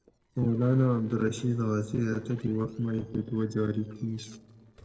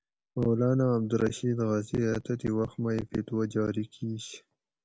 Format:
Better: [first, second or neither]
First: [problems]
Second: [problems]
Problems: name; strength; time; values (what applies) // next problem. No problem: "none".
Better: second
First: noise reduction (neural separator model SepFormer DNS4)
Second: none